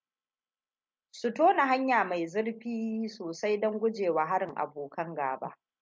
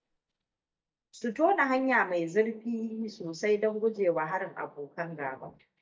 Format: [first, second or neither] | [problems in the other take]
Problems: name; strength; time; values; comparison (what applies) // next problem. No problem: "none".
first | noise reduction (neural mask model DeepFilterNet 3)